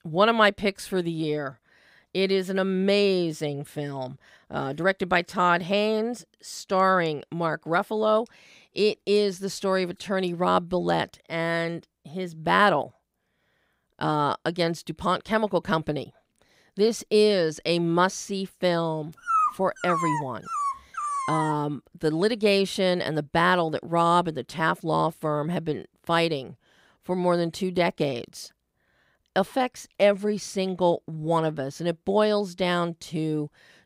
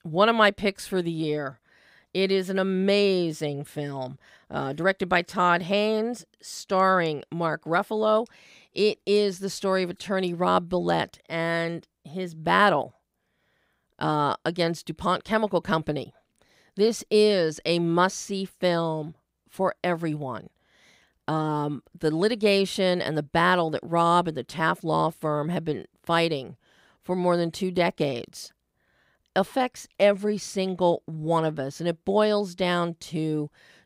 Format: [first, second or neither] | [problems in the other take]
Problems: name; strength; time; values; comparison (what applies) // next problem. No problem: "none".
second | dog barking; loud; from 19 to 22 s; peak 2 dB above the speech